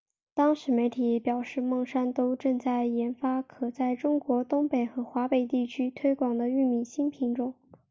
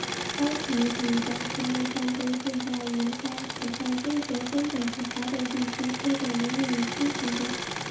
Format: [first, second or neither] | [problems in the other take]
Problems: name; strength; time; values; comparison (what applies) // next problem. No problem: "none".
first | background sound (Engine / Mechanisms); 4 dB below the speech // room echo; dies away in 0.7 s